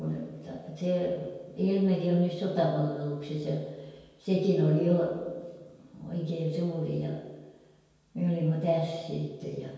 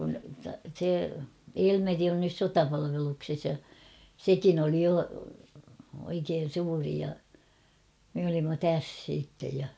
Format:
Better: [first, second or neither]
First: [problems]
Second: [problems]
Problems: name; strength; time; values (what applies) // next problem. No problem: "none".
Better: second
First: room echo; dies away in 1.1 s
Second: none